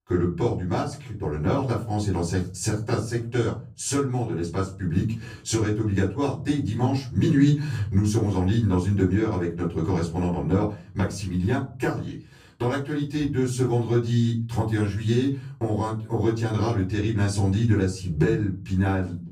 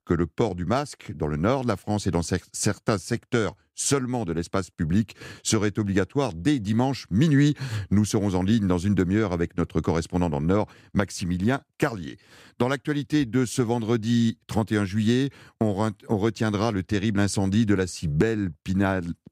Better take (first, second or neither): second